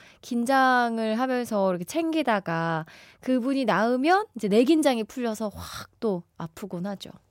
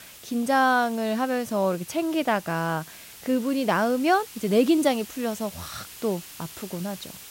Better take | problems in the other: first | hiss; noticeable; throughout; 15 dB below the speech

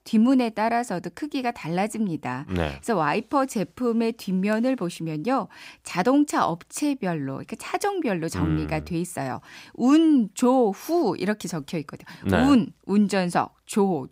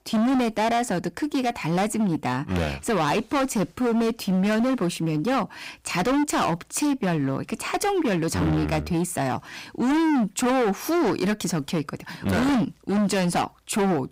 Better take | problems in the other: first | distortion; heavy; 24% of the sound clipped

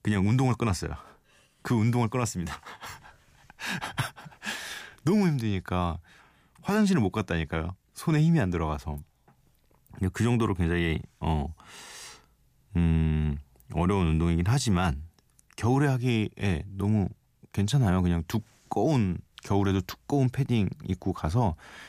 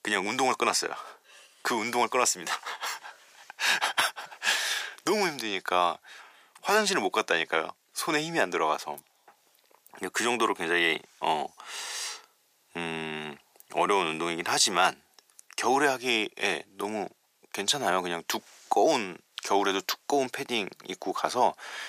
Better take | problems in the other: first | thin; very; fading below 450 Hz

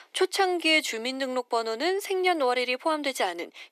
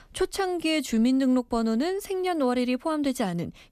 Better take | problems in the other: second | thin; very; fading below 350 Hz

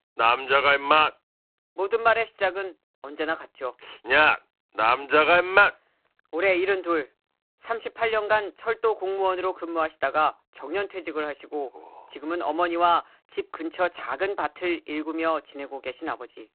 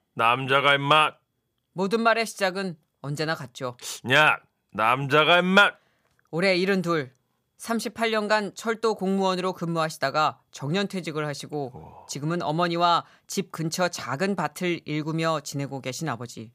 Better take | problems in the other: second | phone-call audio; poor line

